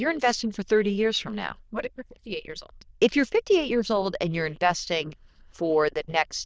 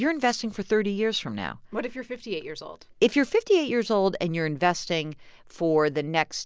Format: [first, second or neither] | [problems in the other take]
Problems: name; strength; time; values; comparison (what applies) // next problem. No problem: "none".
second | noise reduction (neural diffusion model UNIVERSE++)